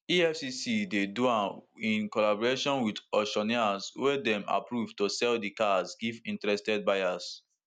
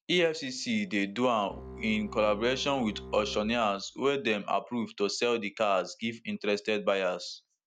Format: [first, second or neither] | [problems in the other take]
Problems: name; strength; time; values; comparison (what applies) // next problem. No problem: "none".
first | background sound (Bowed string instrument); 15 dB below the speech